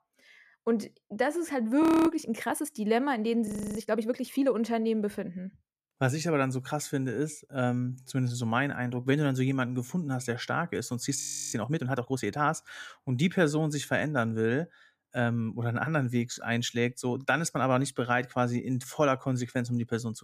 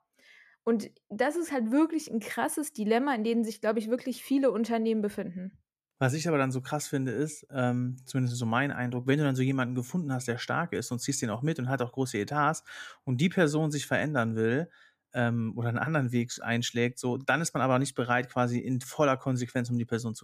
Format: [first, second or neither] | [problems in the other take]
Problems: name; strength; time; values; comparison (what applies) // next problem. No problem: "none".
second | audio freezing; at 2 s, at 3.5 s and at 11 s